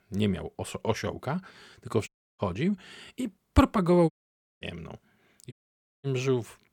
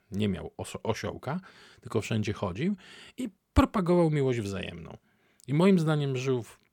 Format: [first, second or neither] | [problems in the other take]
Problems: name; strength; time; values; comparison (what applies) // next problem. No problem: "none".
second | audio cutting out; at 2 s, at 4 s for 0.5 s and at 5.5 s for 0.5 s